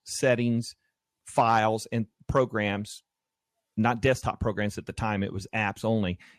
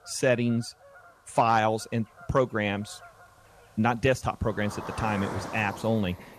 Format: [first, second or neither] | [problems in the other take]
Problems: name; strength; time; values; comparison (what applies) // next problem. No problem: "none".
first | animal sounds; noticeable; throughout; 15 dB below the speech